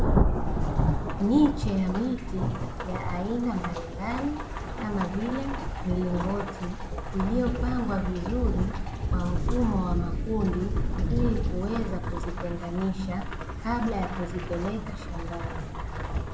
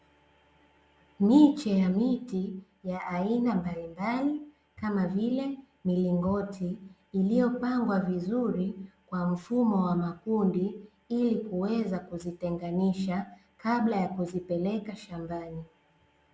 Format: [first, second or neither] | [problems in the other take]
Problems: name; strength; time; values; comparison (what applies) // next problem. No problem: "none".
second | background sound (Rain / Thunderstorm); 1 dB above the speech